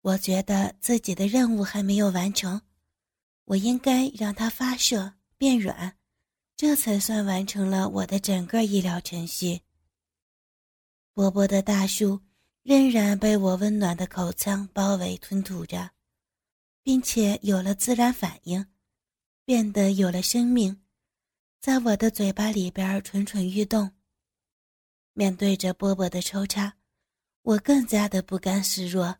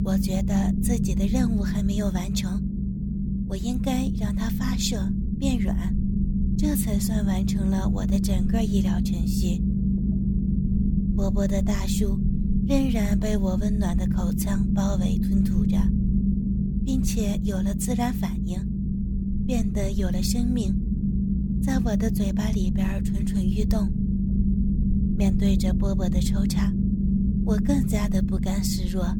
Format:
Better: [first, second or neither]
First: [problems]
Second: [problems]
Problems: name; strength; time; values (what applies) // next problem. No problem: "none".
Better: first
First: none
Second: low rumble; loud; throughout; 1 dB below the speech